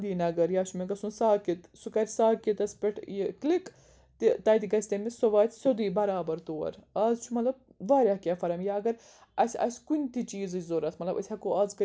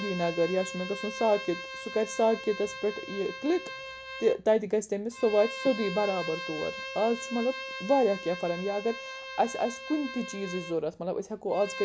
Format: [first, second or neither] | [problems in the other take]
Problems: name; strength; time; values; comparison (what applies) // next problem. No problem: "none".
first | background sound (Bowed string instrument); 10 dB below the speech